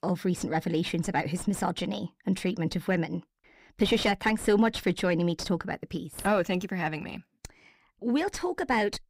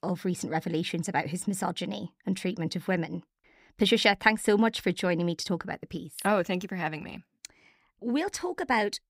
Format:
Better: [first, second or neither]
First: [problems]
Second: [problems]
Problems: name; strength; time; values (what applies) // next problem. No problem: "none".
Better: second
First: distortion; slight; 9 dB below the speech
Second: none